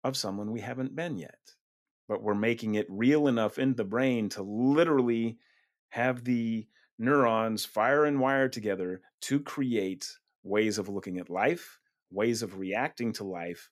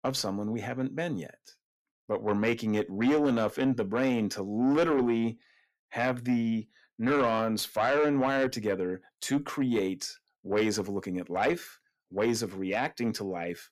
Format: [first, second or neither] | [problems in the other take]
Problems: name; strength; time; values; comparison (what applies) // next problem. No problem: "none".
first | distortion; slight; 10 dB below the speech